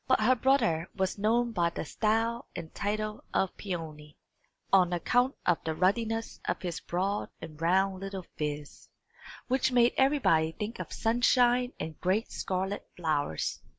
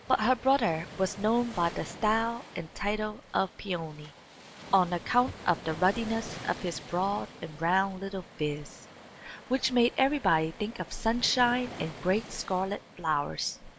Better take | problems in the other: first | background sound (Waves, surf); 16 dB below the speech

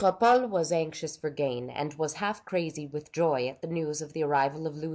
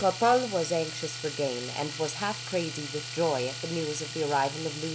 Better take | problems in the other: first | background sound (Domestic sounds, home sounds); 8 dB below the speech

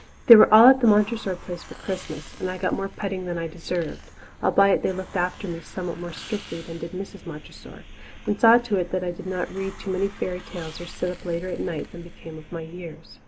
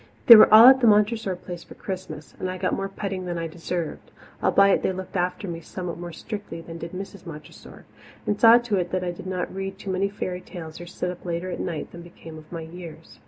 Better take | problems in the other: second | background sound (Hiss); 18 dB below the speech

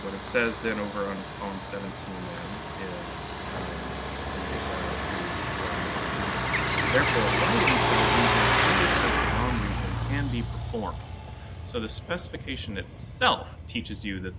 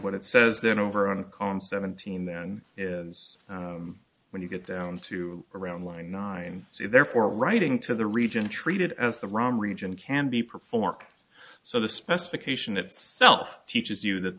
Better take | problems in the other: second | background sound (Bird + Truck); 4 dB above the speech

